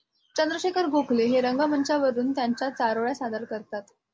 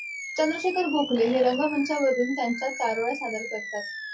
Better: first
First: none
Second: noise reduction (classical method WPE with log-MMSE)

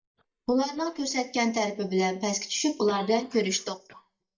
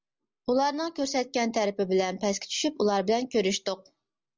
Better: second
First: noise reduction (neural mask model DeepFilterNet 3)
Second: none

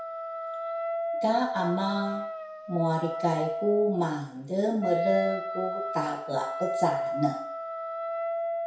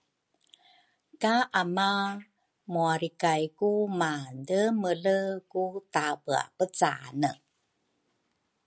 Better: second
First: background sound (Wind instrument, woodwind instrument); 3 dB below the speech // room echo; dies away in 0.6 s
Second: none

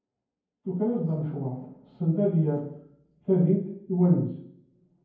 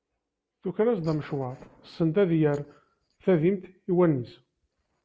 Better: second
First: room echo; dies away in 0.9 s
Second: none

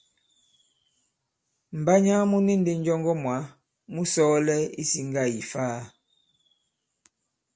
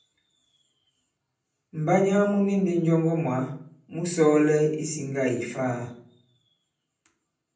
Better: first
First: none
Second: room echo; dies away in 0.6 s

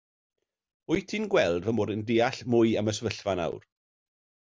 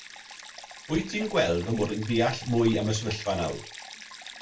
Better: first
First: none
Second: background sound (Stream); 15 dB below the speech // room echo; dies away in 0.2 s

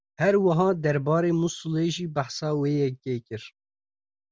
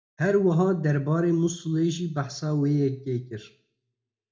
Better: first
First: none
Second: room echo; dies away in 0.4 s

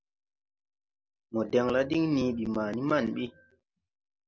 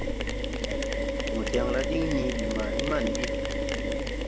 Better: first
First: none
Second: background sound (Mechanisms); 4 dB above the speech

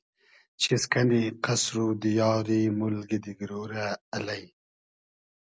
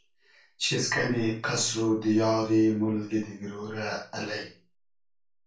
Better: first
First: none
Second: room echo; dies away in 0.3 s

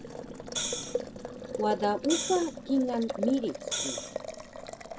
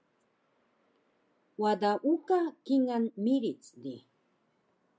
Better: second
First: background sound (Boiling + Hi-hat); 4 dB below the speech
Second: none

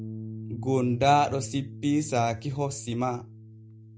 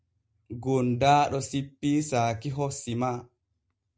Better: second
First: background sound (Bass guitar); 13 dB below the speech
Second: none

